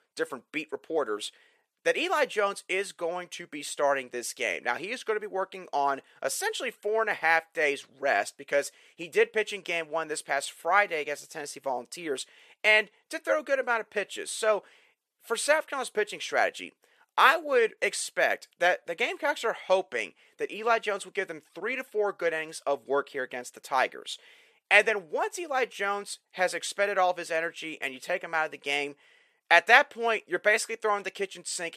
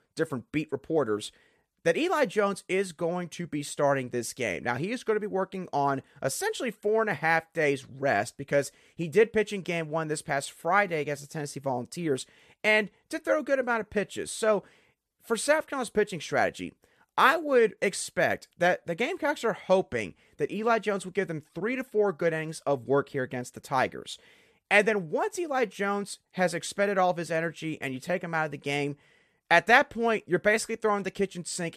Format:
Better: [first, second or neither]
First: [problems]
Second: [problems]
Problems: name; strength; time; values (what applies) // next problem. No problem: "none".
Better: second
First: thin; somewhat; fading below 450 Hz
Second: none